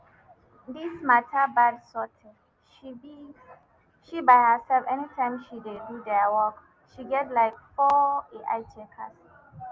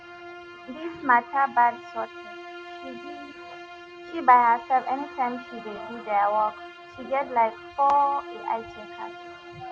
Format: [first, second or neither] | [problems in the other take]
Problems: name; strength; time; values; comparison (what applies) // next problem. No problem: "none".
first | background sound (Bowed string instrument); 15 dB below the speech